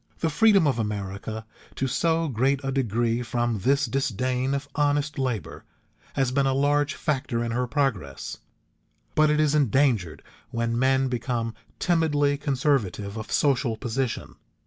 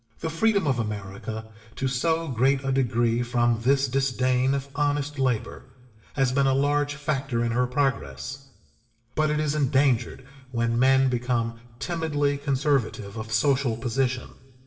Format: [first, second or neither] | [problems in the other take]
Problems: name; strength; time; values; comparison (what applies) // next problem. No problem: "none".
first | room echo; dies away in 1.4 s